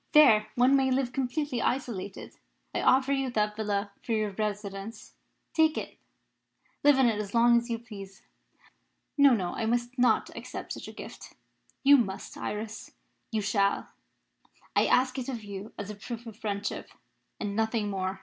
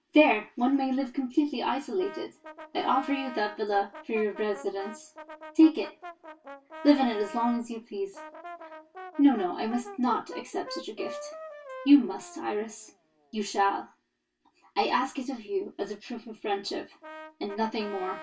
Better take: first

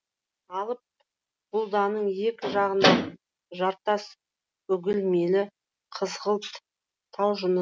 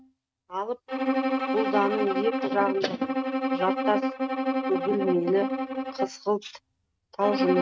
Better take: first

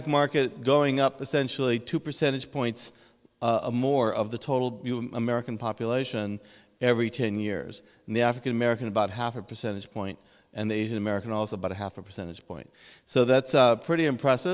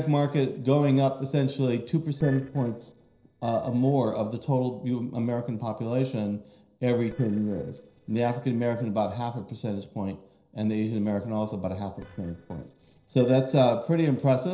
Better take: first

